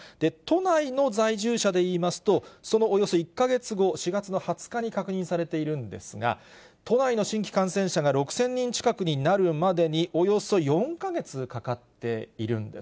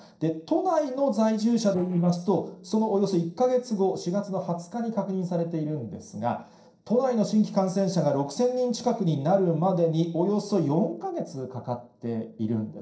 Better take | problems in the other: first | noise reduction (neural separator model SepFormer DNS4)

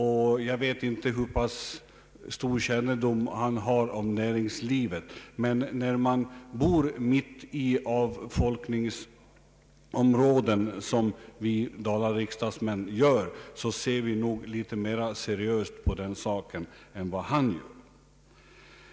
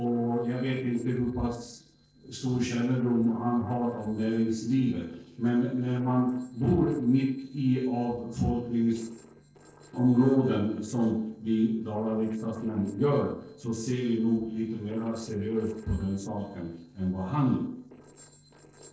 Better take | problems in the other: first | noise reduction (neural separator model SepFormer DNS4)

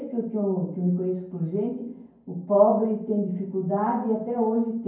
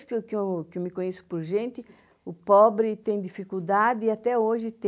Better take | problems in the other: second | room echo; dies away in 0.9 s

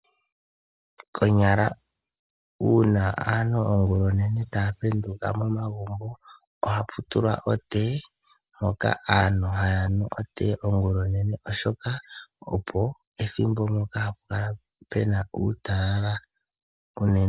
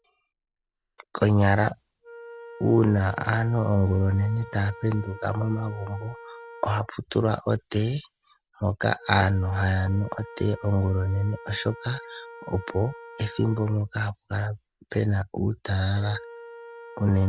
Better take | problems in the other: first | background sound (Wind instrument, woodwind instrument); 19 dB below the speech

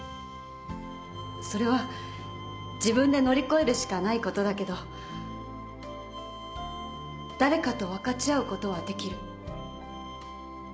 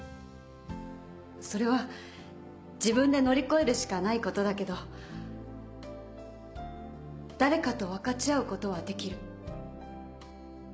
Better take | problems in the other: second | background sound (Bowed string instrument + Bowed string instrument); 12 dB below the speech

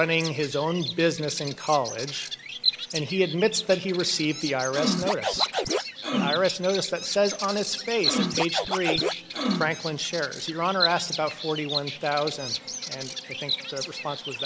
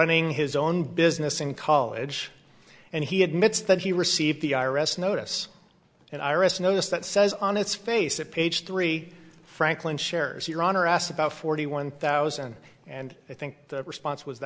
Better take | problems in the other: second | background sound (Scratching (performance technique) + Bird vocalization, bird call, bird song); 3 dB below the speech

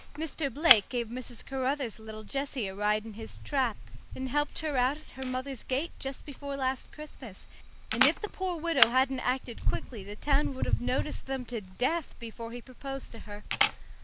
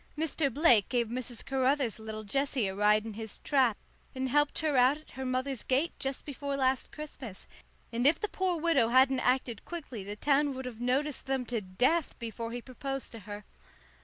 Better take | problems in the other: second | background sound (Camera); as loud as the speech

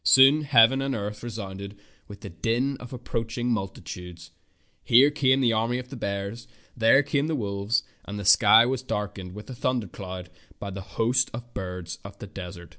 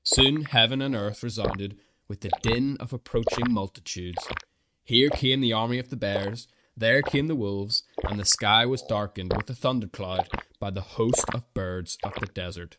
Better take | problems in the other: first | noise reduction (neural mask model RNNoise)

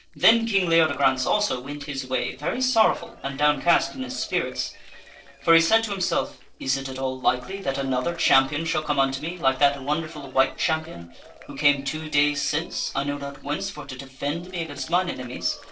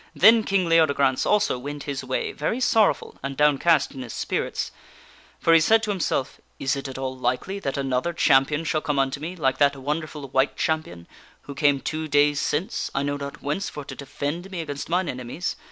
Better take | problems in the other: second | noise reduction (neural separator model SepFormer DNS4)

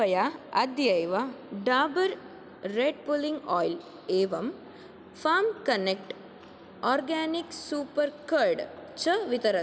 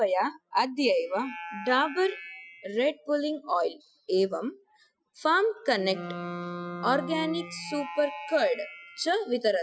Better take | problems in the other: first | noise reduction (classical method Wiener filter)

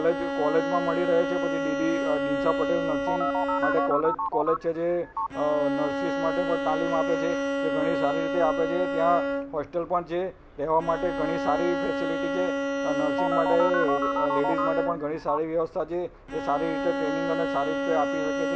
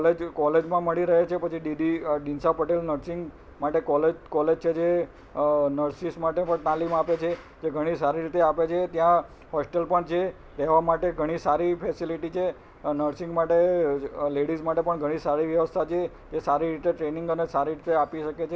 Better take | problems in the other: second | background sound (Telephone + Bowed string instrument); as loud as the speech

